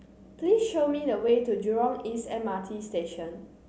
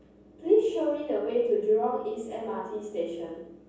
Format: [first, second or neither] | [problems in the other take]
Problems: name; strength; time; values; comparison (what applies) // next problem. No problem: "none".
first | room echo; dies away in 0.6 s